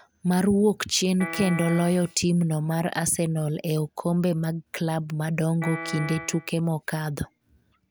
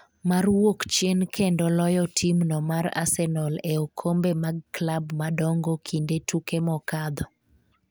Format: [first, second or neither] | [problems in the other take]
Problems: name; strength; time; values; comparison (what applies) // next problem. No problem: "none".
second | background sound (Piano); 10 dB below the speech